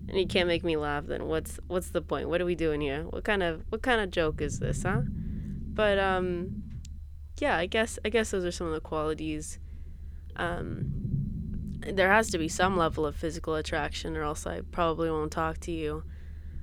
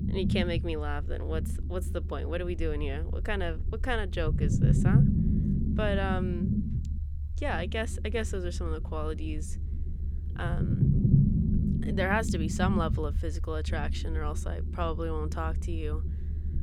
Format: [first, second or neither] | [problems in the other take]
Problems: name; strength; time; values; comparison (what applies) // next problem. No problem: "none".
first | low rumble; loud; throughout; 5 dB below the speech; faint in the first